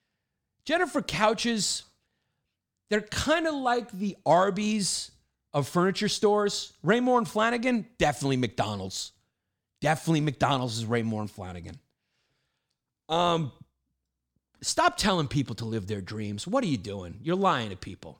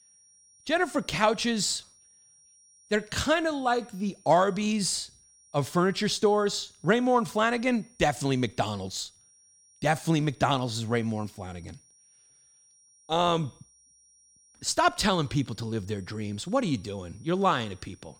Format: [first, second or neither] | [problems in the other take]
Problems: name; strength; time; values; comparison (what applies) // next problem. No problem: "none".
first | high-pitched whine; faint; throughout; 5.5 kHz, 30 dB below the speech